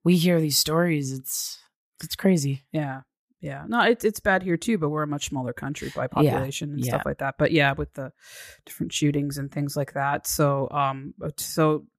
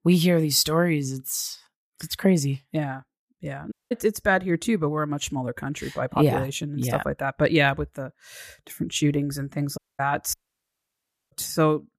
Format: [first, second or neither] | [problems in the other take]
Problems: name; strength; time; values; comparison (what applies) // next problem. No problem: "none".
first | audio cutting out; at 3.5 s and at 10 s for 1 s